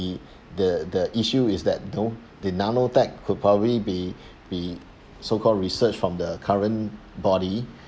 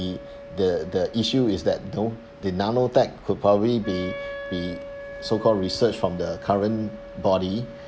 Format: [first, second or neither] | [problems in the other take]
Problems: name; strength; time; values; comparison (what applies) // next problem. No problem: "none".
first | background sound (Wind instrument, woodwind instrument); 15 dB below the speech